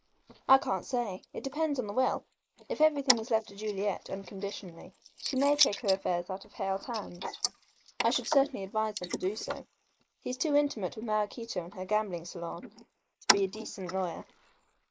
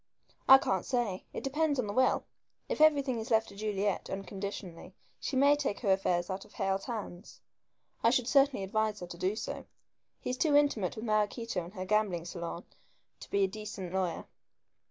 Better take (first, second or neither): second